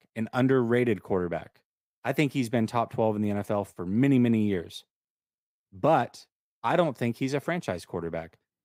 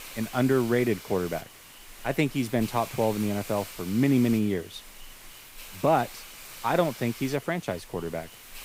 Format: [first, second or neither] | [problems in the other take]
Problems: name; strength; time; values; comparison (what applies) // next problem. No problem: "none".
first | hiss; noticeable; throughout; 15 dB below the speech